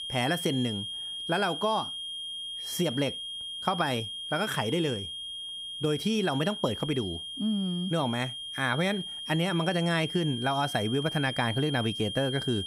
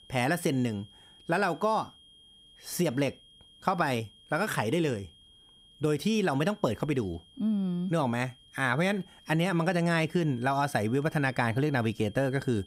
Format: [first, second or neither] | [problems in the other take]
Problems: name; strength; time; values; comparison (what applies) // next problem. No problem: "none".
second | high-pitched whine; loud; throughout; 3 kHz, 5 dB below the speech; faint in the second